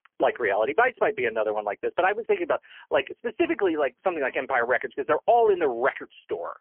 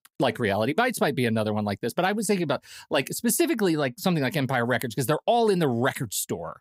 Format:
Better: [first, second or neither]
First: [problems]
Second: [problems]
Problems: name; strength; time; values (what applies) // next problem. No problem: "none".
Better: second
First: phone-call audio; poor line; nothing above 3 kHz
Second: none